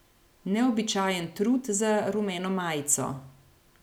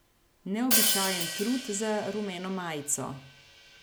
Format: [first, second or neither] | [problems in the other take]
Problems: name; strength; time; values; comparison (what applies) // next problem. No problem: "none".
first | background sound (Hi-hat); 1 dB above the speech